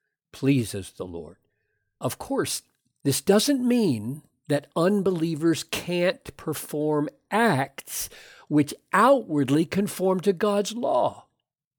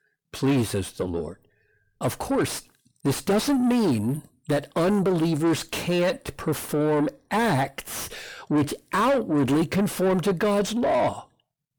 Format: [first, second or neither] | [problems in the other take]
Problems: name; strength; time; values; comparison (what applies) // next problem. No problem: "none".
first | distortion; heavy; 7 dB below the speech